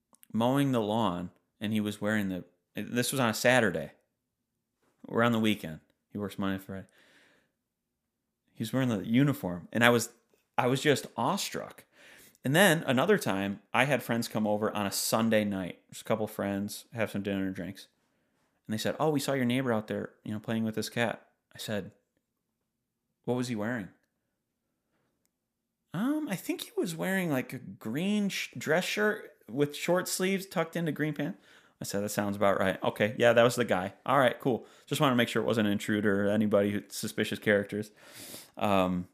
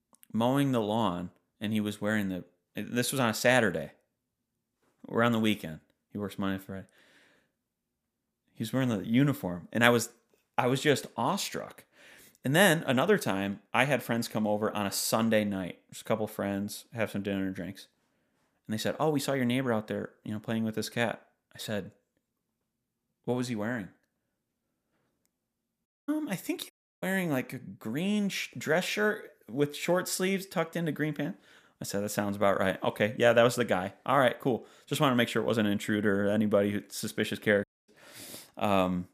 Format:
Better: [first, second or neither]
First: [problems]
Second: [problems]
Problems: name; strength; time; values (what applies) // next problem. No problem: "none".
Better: first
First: none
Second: audio cutting out; at 26 s, at 27 s and at 38 s